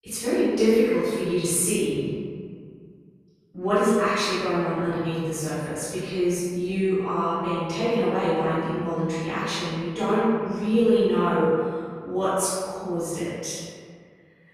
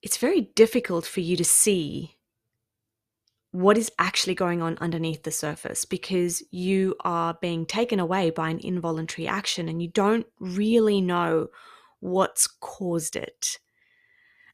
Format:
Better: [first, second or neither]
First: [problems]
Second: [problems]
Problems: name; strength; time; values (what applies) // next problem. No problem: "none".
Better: second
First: off-mic speech; far // room echo; strong; dies away in 1.9 s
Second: none